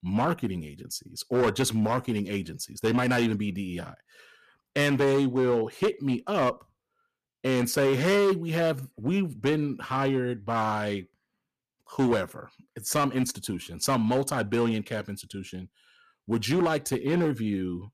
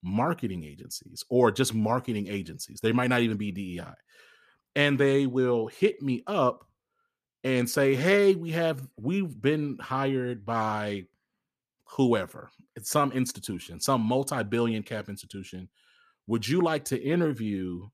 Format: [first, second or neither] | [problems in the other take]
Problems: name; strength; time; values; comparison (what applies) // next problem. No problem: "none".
second | distortion; slight; 6% of the sound clipped